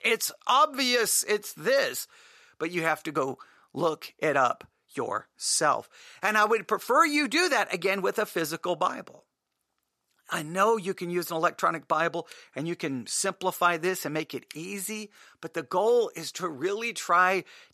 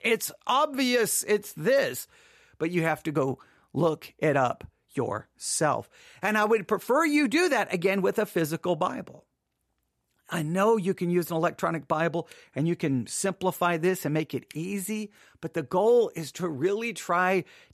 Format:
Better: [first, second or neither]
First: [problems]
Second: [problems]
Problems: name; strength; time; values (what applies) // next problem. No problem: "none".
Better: second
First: thin; somewhat; fading below 900 Hz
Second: none